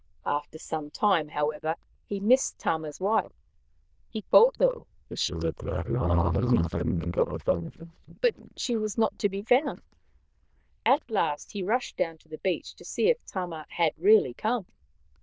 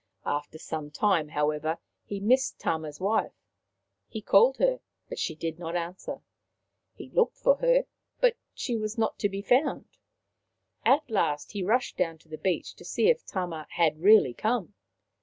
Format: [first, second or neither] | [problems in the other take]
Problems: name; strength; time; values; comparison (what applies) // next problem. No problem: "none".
second | noise reduction (neural diffusion model UNIVERSE++)